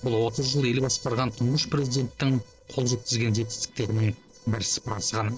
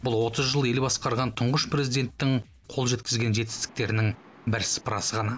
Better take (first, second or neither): second